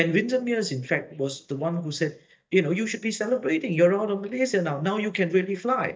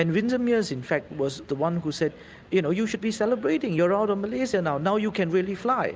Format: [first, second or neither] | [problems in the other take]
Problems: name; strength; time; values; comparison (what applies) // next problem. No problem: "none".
second | noise reduction (neural mask model DeepFilterNet 3)